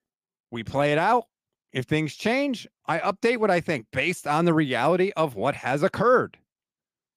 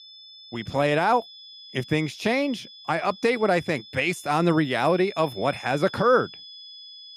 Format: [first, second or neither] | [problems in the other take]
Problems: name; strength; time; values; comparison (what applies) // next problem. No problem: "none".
first | high-pitched whine; noticeable; throughout; 3.5 kHz, 20 dB below the speech